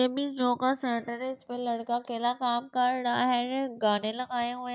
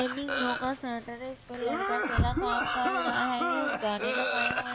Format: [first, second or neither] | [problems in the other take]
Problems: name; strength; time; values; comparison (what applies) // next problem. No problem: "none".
first | background sound (Cough); 2 dB above the speech